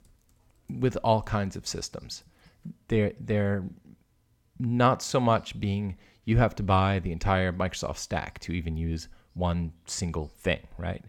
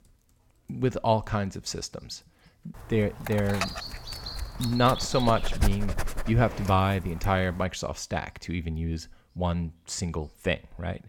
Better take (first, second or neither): first